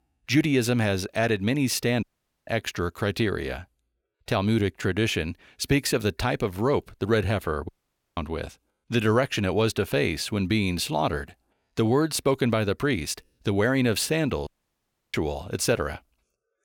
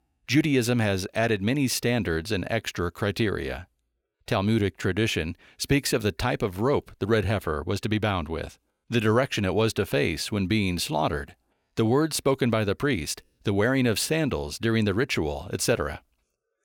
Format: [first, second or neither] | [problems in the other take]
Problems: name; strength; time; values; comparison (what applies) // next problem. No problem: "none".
second | audio cutting out; at 2 s, at 7.5 s and at 14 s for 0.5 s